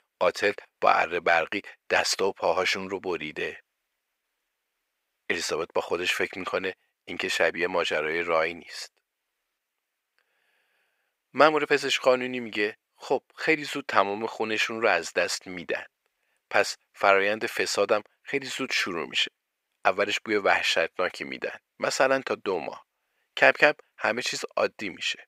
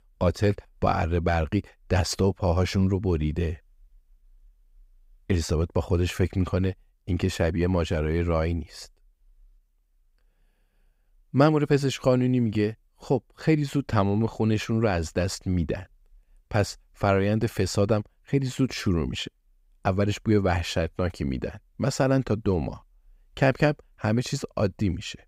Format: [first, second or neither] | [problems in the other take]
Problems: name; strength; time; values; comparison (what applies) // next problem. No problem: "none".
second | thin; very; fading below 550 Hz